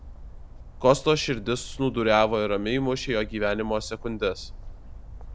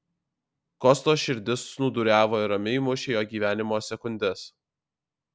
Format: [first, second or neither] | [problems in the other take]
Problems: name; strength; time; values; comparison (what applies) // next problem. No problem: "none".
second | background sound (Bird); 14 dB below the speech